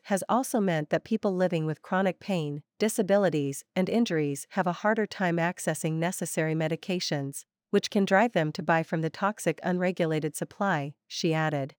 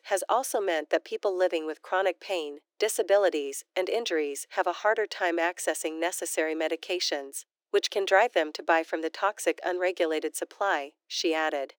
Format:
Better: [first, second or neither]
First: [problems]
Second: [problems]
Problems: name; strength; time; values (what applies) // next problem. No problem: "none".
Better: first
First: none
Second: thin; very; fading below 350 Hz